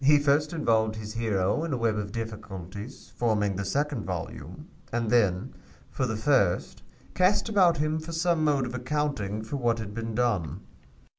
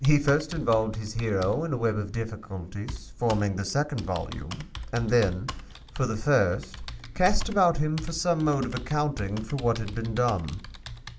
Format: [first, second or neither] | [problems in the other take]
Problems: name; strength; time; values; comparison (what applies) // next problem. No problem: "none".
first | background sound (Computer keyboard); 14 dB below the speech